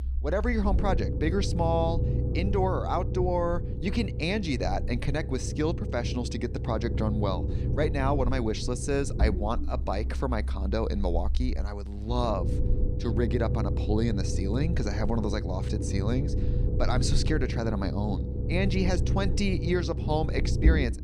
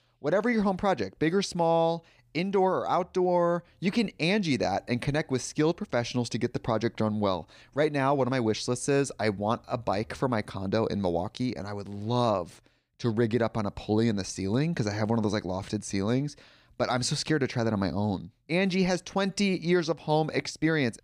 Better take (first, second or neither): second